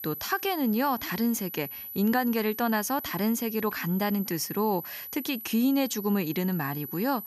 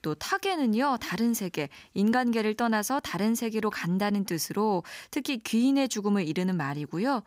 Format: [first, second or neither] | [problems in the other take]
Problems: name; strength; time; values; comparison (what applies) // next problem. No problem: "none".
second | high-pitched whine; loud; throughout; 12 kHz, 9 dB below the speech